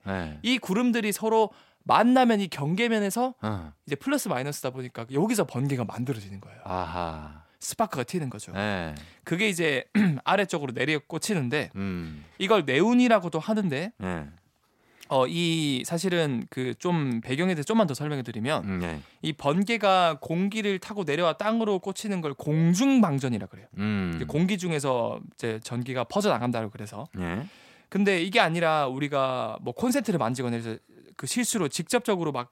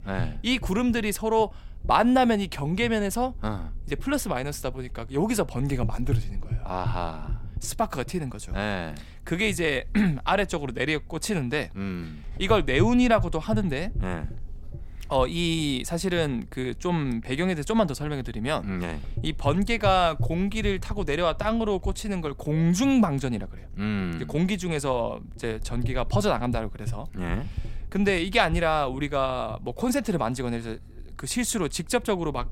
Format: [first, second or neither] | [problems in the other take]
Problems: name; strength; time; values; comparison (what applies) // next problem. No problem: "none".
first | low rumble; faint; throughout; 25 dB below the speech